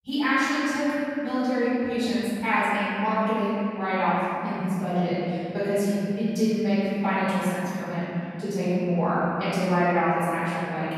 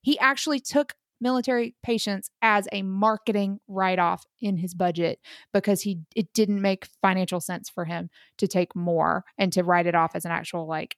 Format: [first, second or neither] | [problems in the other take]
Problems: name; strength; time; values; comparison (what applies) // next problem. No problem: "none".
second | off-mic speech; far // room echo; strong; dies away in 3 s